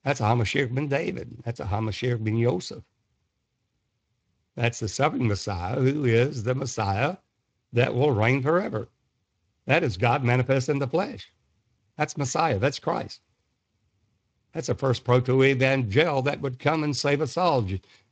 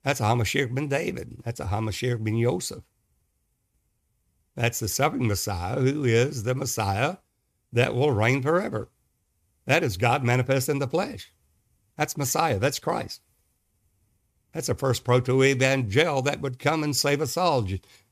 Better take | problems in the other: second | garbled, watery; slightly

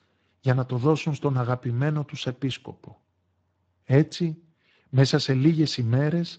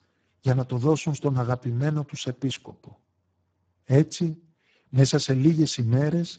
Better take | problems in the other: first | garbled, watery; badly; nothing above 7.5 kHz; slightly in the first

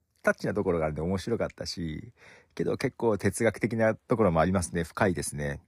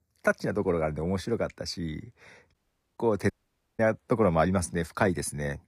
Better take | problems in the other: first | audio cutting out; at 2.5 s and at 3.5 s

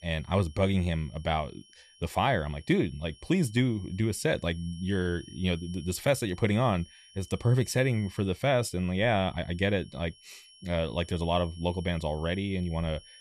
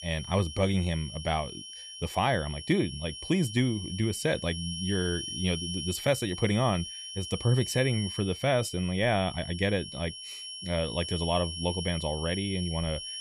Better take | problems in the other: first | high-pitched whine; loud; throughout; 3 kHz, 8 dB below the speech; faint in the first

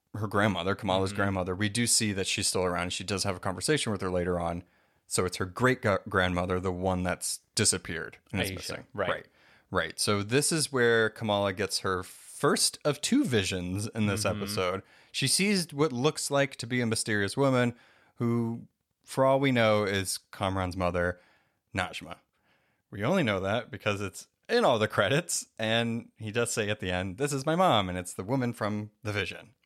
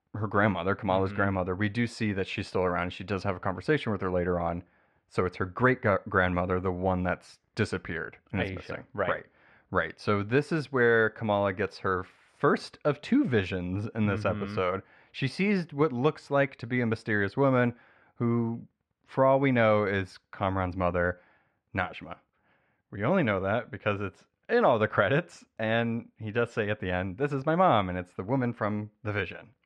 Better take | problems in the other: first | muffled; very; fading above 2 kHz

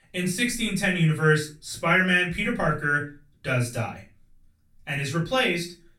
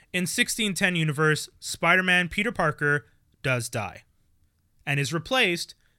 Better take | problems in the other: second | off-mic speech; far // room echo; slight; dies away in 0.3 s

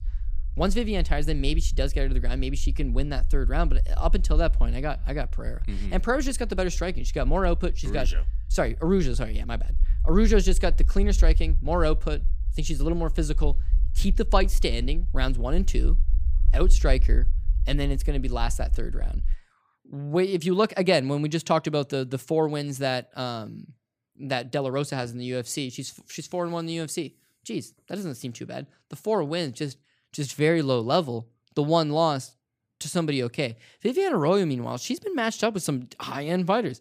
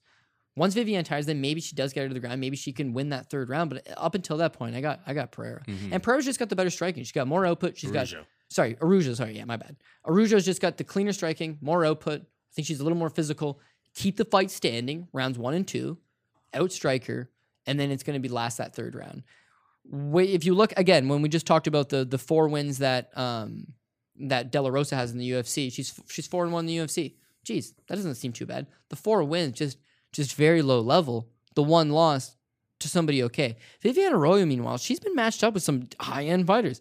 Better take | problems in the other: second | low rumble; faint; until 19 s; 25 dB below the speech

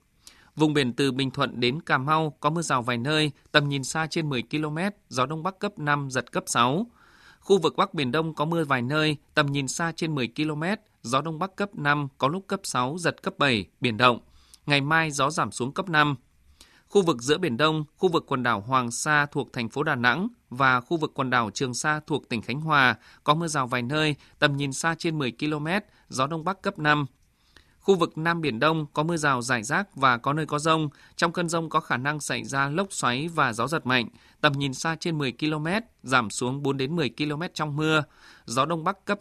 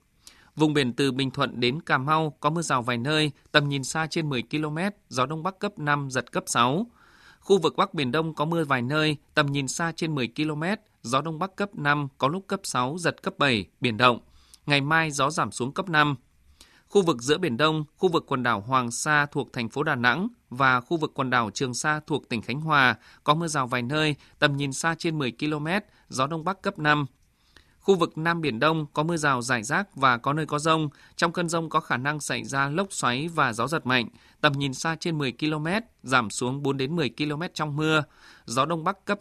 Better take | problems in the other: neither | none

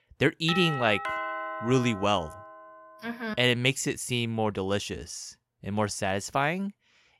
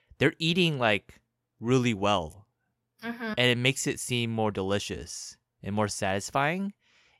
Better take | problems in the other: second | doorbell; noticeable; until 2.5 s; peak 4 dB below the speech

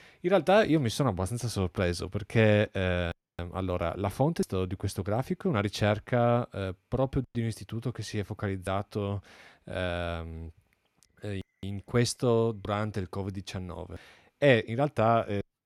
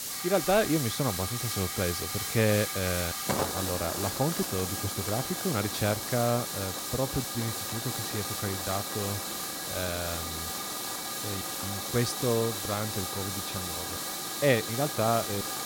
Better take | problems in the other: first | hiss; loud; throughout; 1 dB below the speech

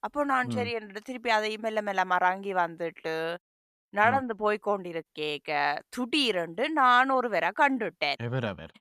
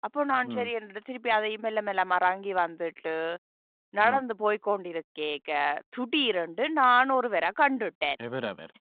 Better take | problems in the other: first | phone-call audio

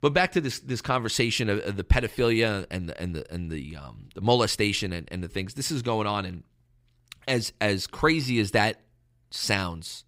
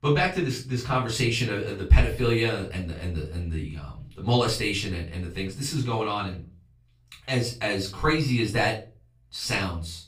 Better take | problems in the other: first | off-mic speech; far // room echo; slight; dies away in 0.3 s

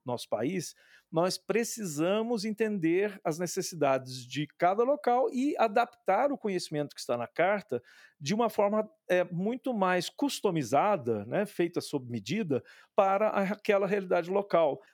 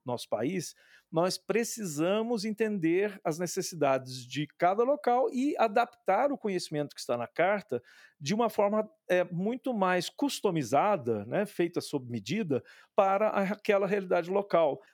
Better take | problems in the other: neither | none

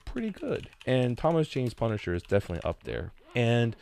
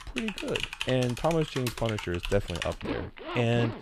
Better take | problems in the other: first | household noises; loud; throughout; 6 dB below the speech; faint in the first

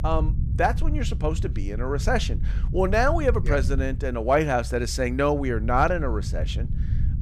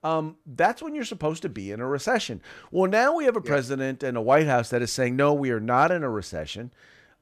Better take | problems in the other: second | low rumble; noticeable; throughout; 20 dB below the speech

